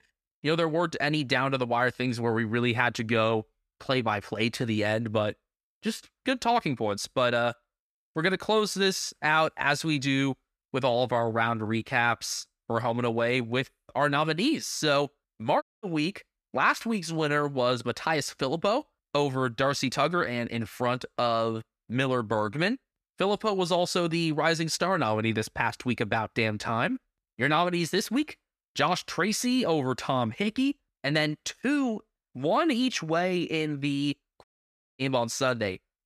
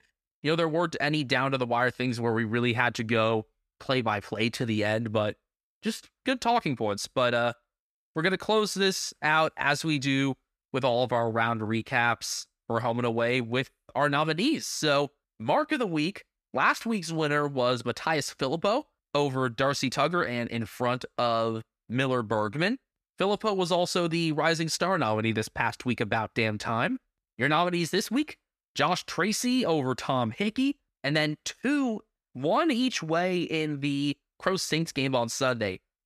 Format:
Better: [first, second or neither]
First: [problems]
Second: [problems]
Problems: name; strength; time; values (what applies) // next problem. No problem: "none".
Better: second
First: audio cutting out; at 16 s and at 34 s for 0.5 s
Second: none